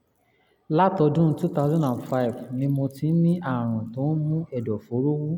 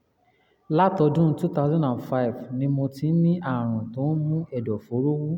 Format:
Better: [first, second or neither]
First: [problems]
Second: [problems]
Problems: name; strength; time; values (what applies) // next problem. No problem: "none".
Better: second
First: noise reduction (neural mask model Resemble Enhance denoiser)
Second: none